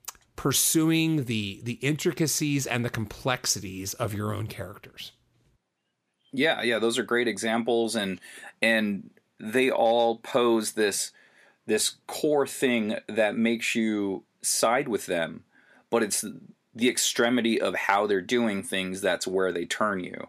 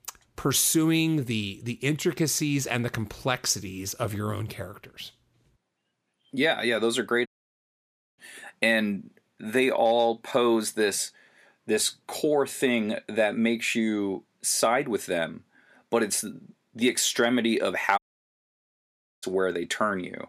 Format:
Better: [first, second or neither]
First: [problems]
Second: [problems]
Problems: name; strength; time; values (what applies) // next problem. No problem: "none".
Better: first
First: none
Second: audio cutting out; at 7.5 s for 1 s and at 18 s for 1 s